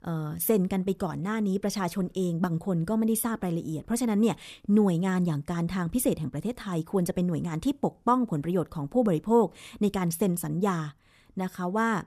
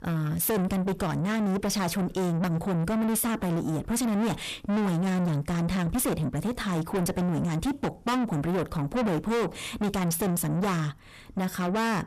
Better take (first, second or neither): first